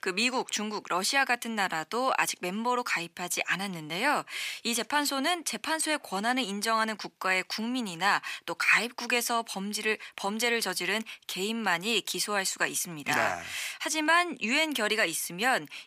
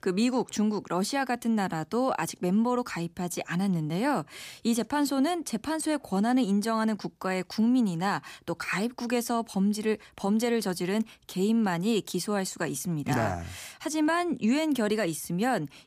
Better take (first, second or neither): second